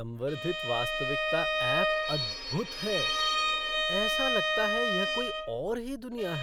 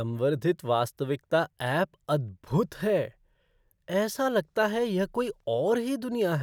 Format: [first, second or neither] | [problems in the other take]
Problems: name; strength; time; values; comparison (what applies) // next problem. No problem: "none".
second | background sound (Bowed string instrument); 4 dB above the speech